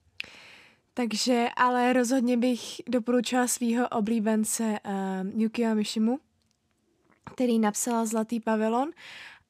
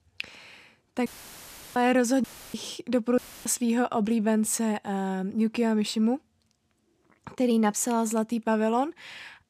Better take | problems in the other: first | audio cutting out; filled with static; at 1 s for 0.5 s, at 2 s and at 3 s

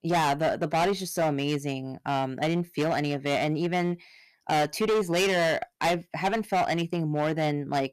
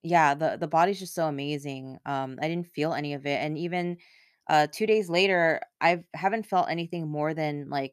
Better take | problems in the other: second | distortion; heavy; 15% of the sound clipped

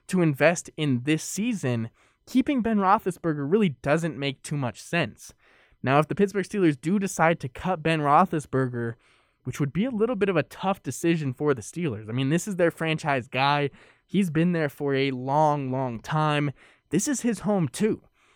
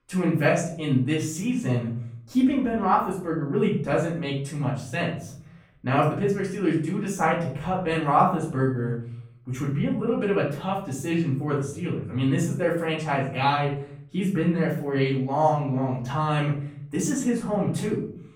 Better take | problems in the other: first | off-mic speech; far // room echo; noticeable; dies away in 0.6 s

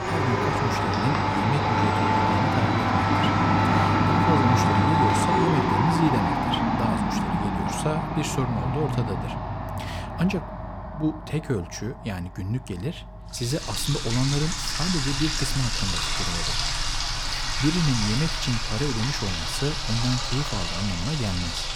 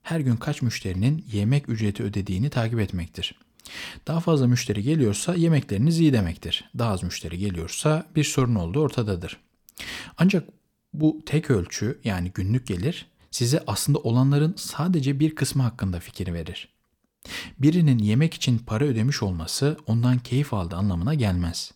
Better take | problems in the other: second | household noises; very loud; throughout; 4 dB above the speech

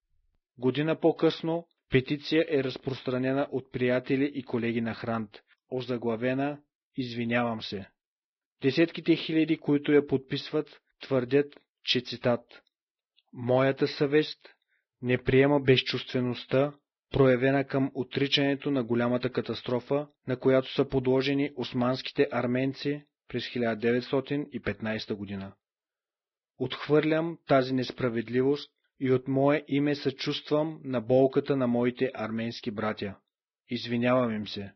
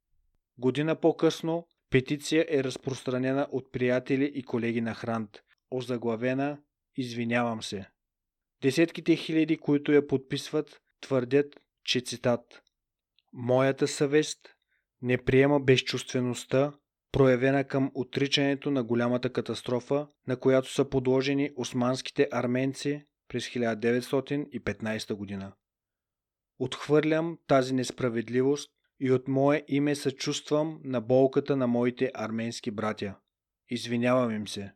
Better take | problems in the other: second | garbled, watery; badly; nothing above 5.5 kHz

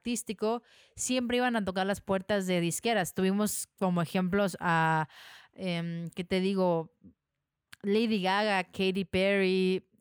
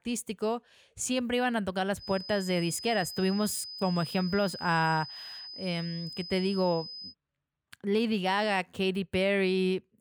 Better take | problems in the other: first | high-pitched whine; noticeable; from 2 to 7 s; 5 kHz, 10 dB below the speech

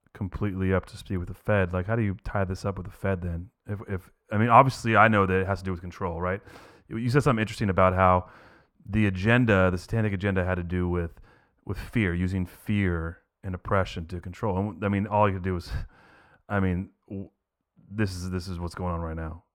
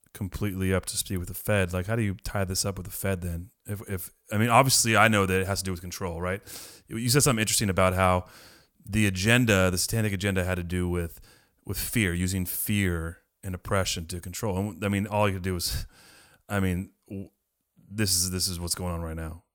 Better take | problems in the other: second | muffled; very; fading above 4 kHz

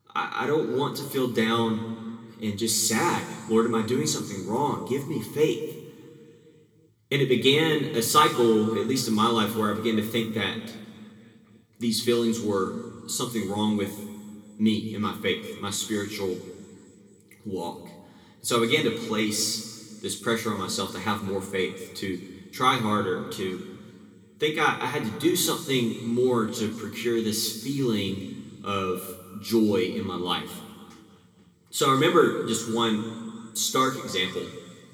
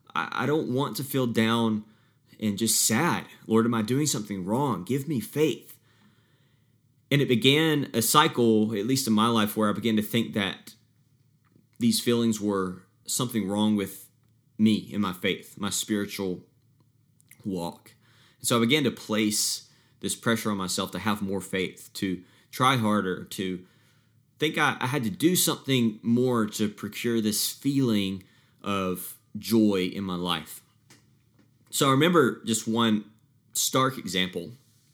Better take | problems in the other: second | room echo; slight; dies away in 1.9 s // off-mic speech; somewhat distant

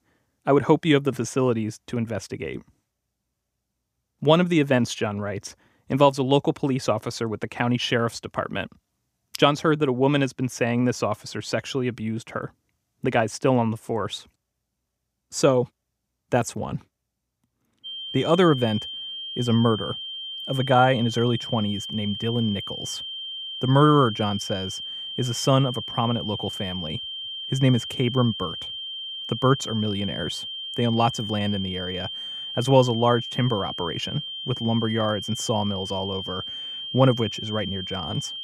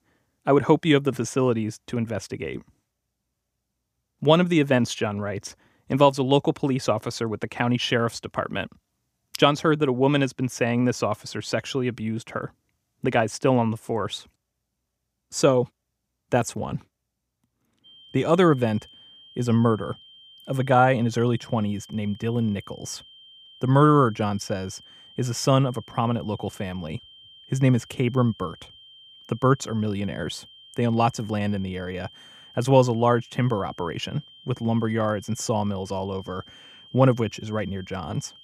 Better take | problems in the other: second | high-pitched whine; loud; from 18 s on; 3 kHz, 7 dB below the speech; faint in the second

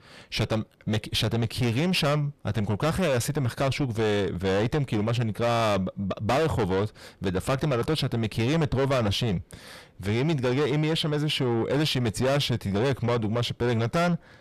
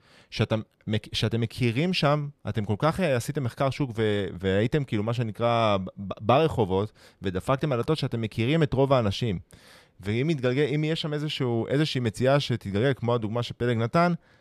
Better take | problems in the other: second | distortion; heavy; 7 dB below the speech

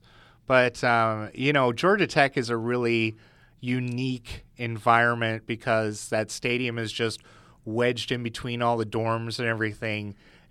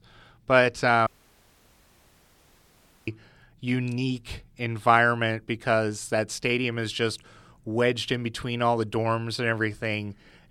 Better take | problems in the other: first | audio cutting out; at 1 s for 2 s

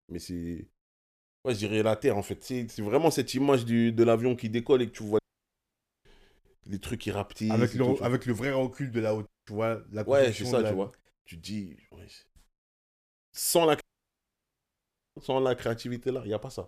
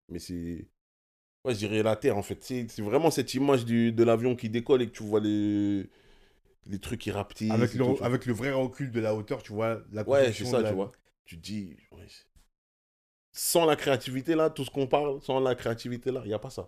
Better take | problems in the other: second | audio cutting out; at 5 s for 1 s, at 9.5 s and at 14 s for 1.5 s

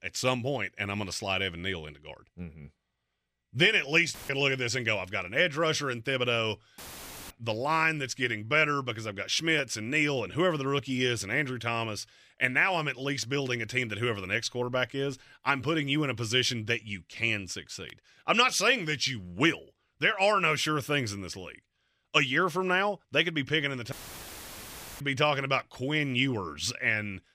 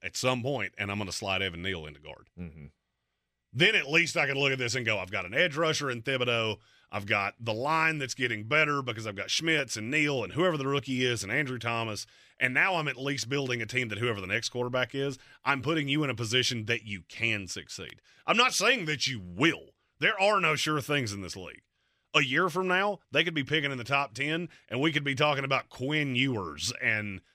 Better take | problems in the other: second | audio cutting out; filled with static; at 4 s, at 7 s for 0.5 s and at 24 s for 1 s

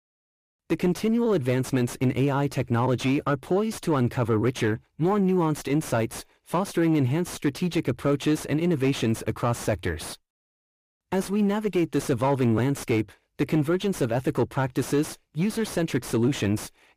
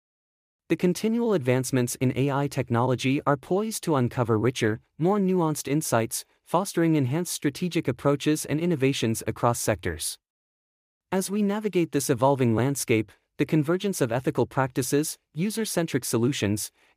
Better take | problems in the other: second | distortion; slight; 10 dB below the speech

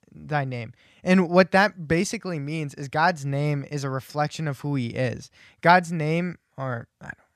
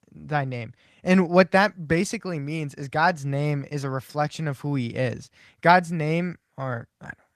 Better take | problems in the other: first | garbled, watery; slightly; nothing above 14 kHz

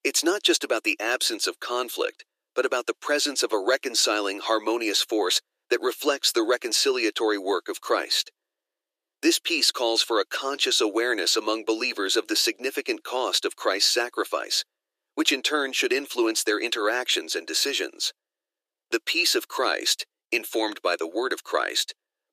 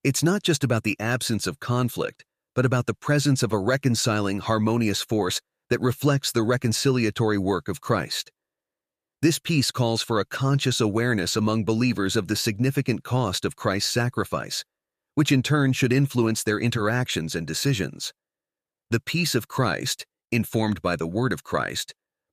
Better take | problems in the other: second | thin; very; fading below 350 Hz

